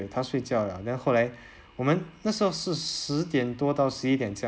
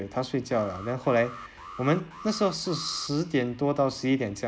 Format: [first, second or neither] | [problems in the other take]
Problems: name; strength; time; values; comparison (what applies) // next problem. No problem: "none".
first | background sound (Alarm); 16 dB below the speech